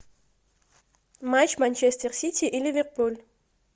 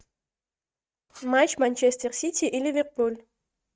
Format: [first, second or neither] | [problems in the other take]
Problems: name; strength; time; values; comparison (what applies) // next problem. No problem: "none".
first | noise reduction (neural mask model RNNoise)